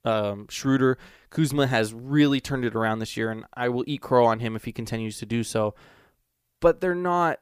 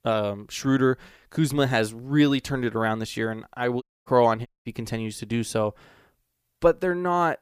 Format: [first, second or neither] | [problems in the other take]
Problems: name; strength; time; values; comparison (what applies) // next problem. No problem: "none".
first | audio cutting out; at 4 s and at 4.5 s